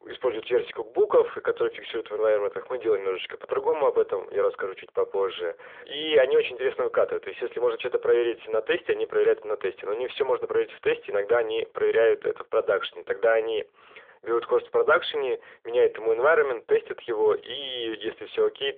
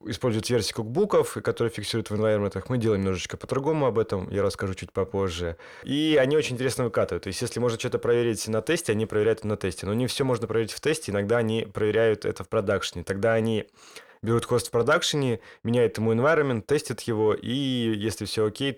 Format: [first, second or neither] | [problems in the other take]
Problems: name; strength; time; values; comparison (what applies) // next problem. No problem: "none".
second | phone-call audio; nothing above 3.5 kHz